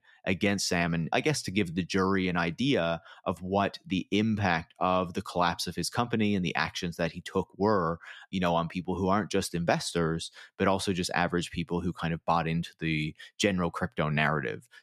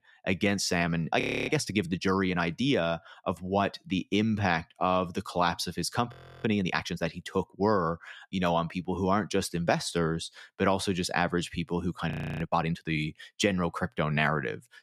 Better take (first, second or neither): first